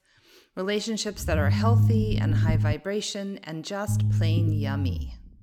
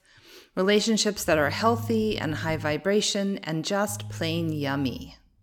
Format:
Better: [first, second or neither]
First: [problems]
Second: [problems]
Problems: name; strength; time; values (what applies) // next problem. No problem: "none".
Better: second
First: low rumble; loud; from 1 to 2.5 s and from 4 s on; 5 dB below the speech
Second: low rumble; faint; from 1 to 2.5 s and from 4 s on; 25 dB below the speech